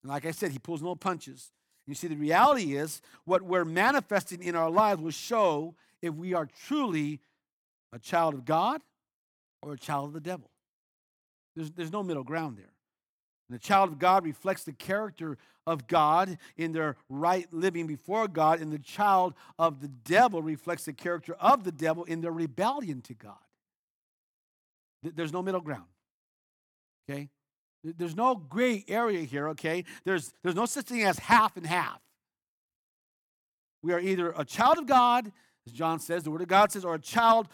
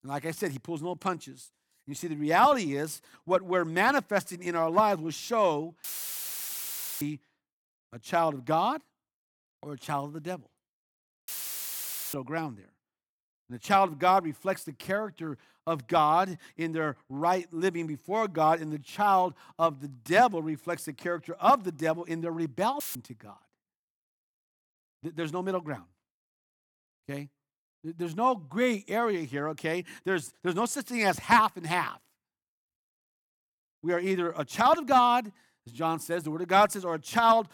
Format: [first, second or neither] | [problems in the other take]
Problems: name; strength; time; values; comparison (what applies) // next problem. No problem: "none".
first | audio cutting out; filled with static; at 6 s for 1 s, at 11 s for 1 s and at 23 s